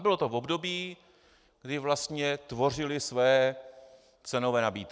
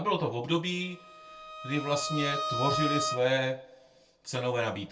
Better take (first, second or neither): first